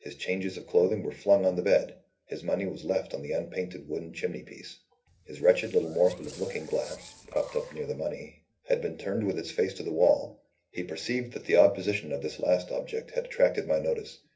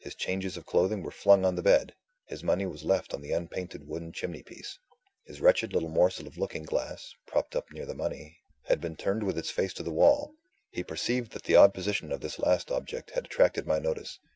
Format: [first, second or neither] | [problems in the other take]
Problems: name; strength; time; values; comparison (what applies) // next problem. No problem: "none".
second | noise reduction (neural separator model SepFormer DNS4)